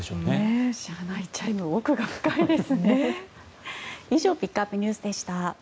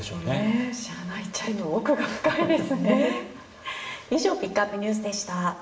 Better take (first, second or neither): first